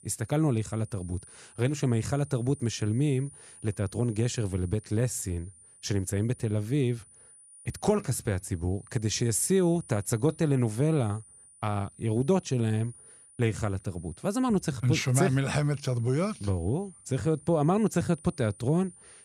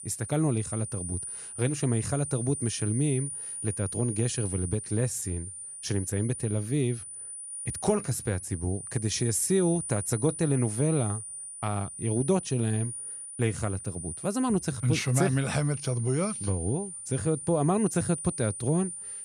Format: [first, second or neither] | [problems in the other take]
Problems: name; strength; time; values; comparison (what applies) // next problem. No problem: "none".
first | high-pitched whine; loud; throughout; 9.5 kHz, 7 dB below the speech; faint in the first